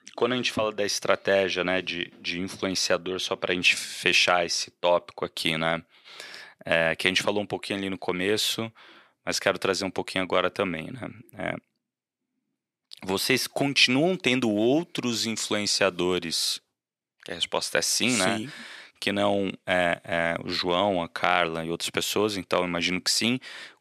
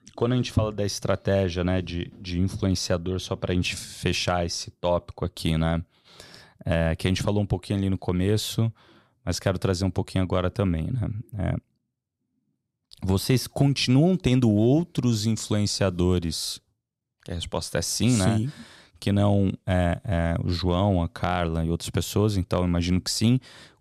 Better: second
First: thin; somewhat; fading below 300 Hz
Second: none

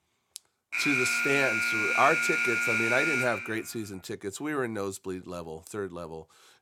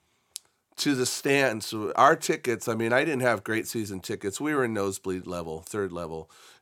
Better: second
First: alarm; loud; from 0.5 to 3.5 s; peak 6 dB above the speech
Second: none

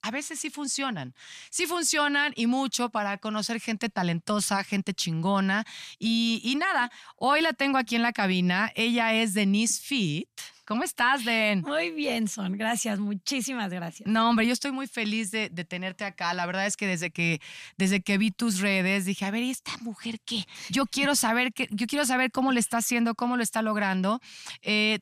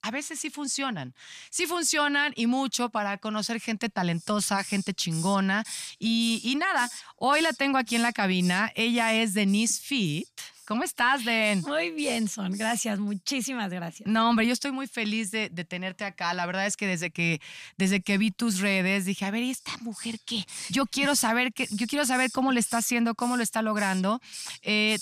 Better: first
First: none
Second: hiss; noticeable; from 4.5 to 13 s and from 18 s on; 15 dB below the speech

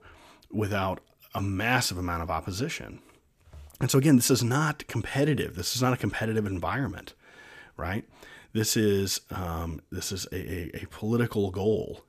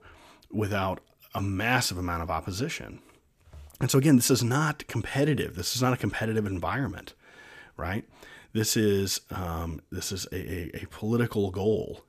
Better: neither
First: none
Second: none

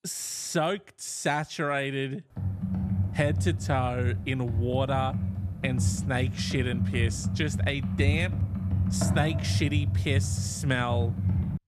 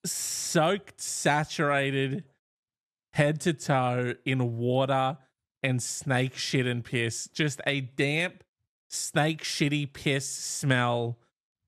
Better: second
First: keyboard typing; loud; from 2.5 s on; peak 4 dB above the speech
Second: none

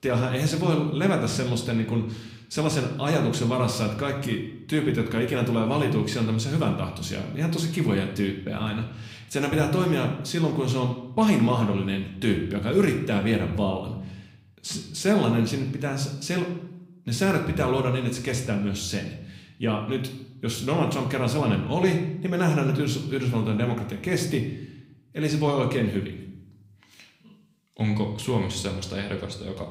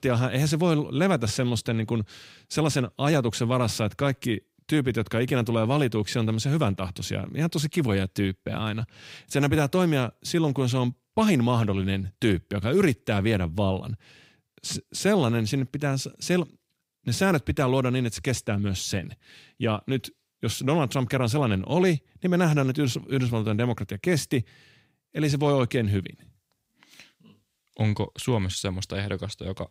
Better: second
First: room echo; slight; dies away in 0.6 s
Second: none

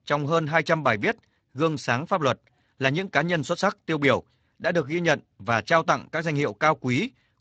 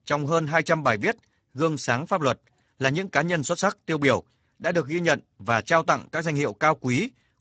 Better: first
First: garbled, watery; slightly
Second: garbled, watery; badly; nothing above 7.5 kHz

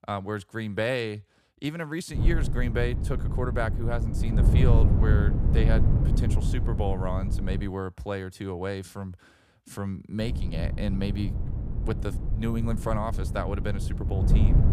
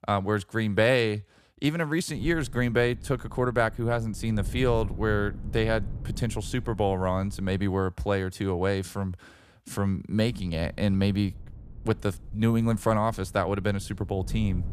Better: second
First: wind noise on the microphone; heavy; from 2 to 7.5 s and from 10 s on; 6 dB below the speech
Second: wind noise on the microphone; occasional gusts; from 2 to 7.5 s and from 10 s on; 25 dB below the speech

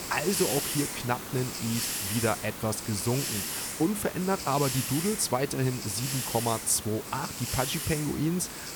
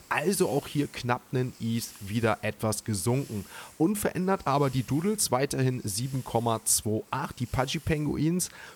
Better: second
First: hiss; loud; throughout; 3 dB below the speech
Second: hiss; faint; throughout; 20 dB below the speech

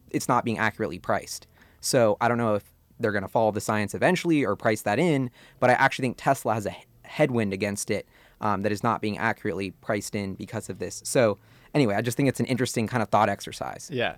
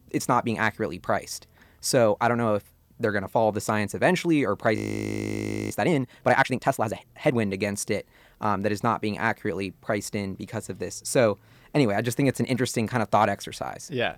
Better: first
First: none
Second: audio freezing; at 5 s for 1 s

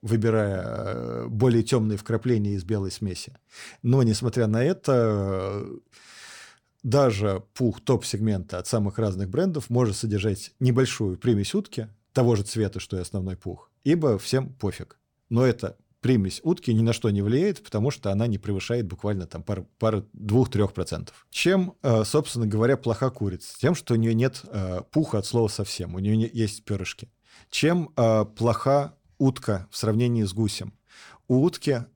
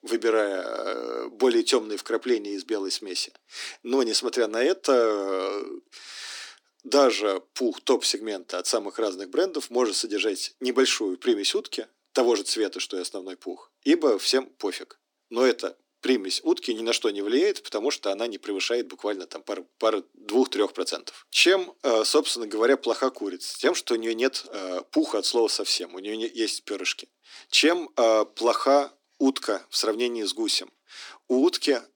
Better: first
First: none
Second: thin; somewhat; fading below 250 Hz

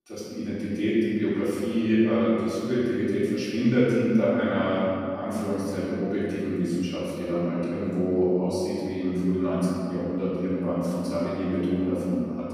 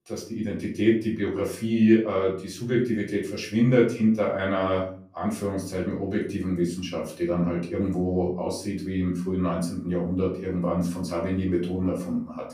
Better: second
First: room echo; strong; dies away in 2.7 s // off-mic speech; far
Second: room echo; slight; dies away in 0.4 s // off-mic speech; far

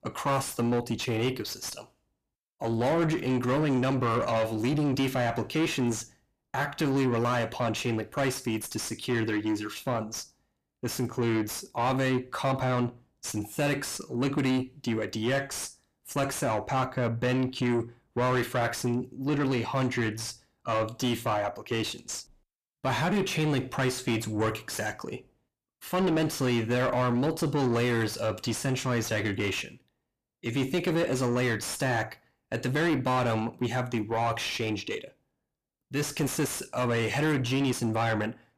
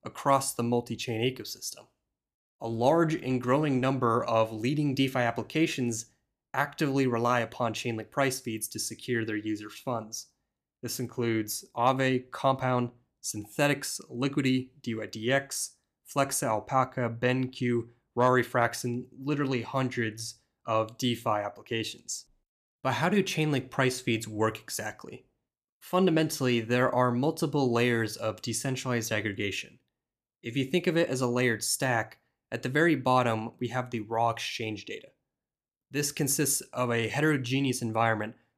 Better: second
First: distortion; heavy; 7 dB below the speech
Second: none

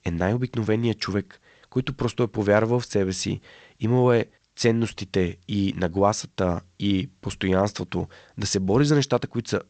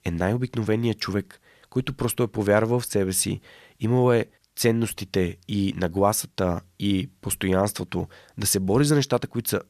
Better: second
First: garbled, watery; slightly; nothing above 8 kHz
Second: none

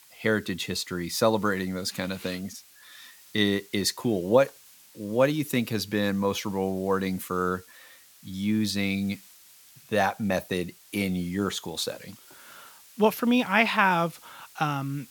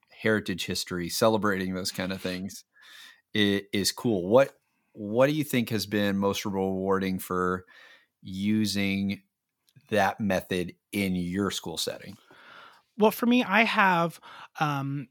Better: second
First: hiss; faint; throughout; 25 dB below the speech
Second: none

